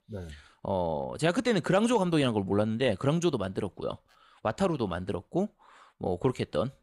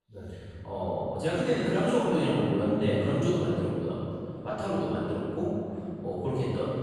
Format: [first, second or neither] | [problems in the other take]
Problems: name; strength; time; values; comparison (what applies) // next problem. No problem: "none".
first | off-mic speech; far // room echo; strong; dies away in 2.8 s